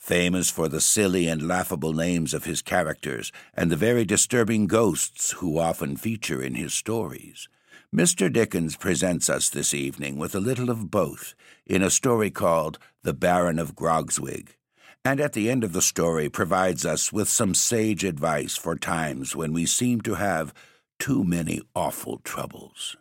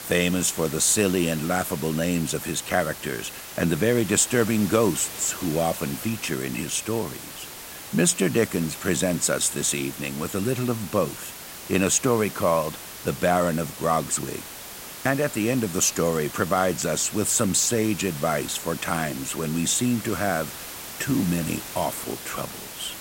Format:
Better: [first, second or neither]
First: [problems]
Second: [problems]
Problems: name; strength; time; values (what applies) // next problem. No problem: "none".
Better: first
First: none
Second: hiss; noticeable; throughout; 10 dB below the speech